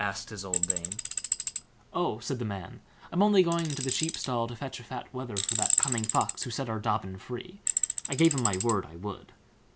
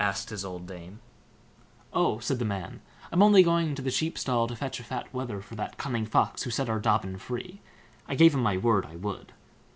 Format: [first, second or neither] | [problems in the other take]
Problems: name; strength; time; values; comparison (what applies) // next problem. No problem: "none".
second | background sound (Tools); 2 dB below the speech